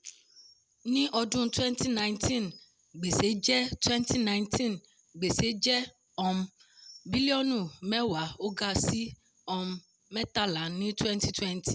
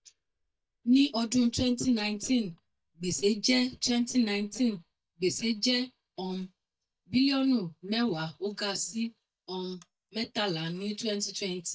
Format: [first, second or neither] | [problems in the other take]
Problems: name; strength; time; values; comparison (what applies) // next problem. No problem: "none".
first | noise reduction (neural mask model DeepFilterNet 3)